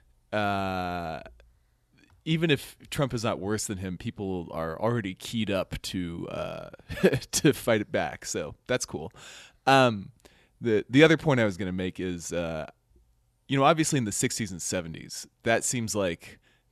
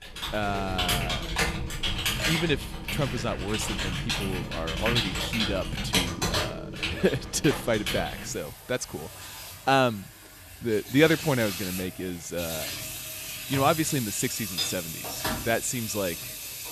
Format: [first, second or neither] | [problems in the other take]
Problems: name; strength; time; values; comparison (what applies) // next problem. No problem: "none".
first | household noises; loud; throughout; 2 dB below the speech